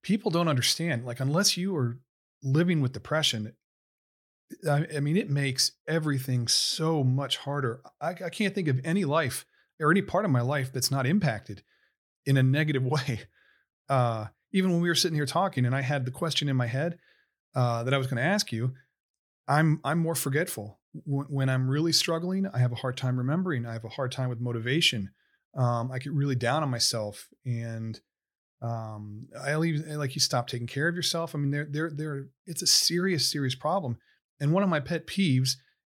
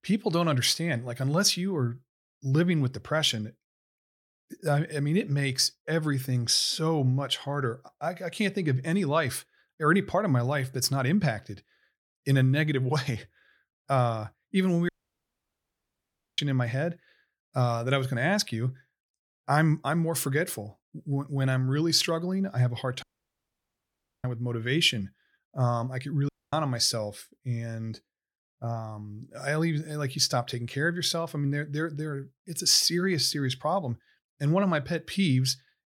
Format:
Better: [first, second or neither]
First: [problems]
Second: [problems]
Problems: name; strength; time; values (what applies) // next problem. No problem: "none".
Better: first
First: none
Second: audio cutting out; at 15 s for 1.5 s, at 23 s for 1 s and at 26 s